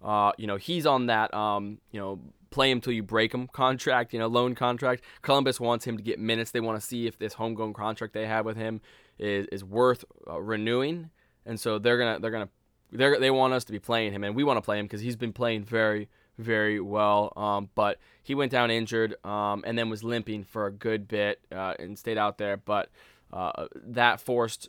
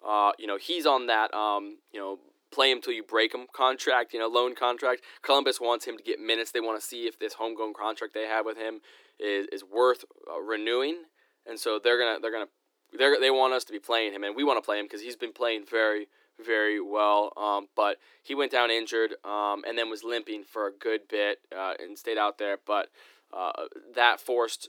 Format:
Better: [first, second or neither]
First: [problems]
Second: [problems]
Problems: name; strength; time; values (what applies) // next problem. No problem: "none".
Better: first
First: none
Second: thin; somewhat; fading below 300 Hz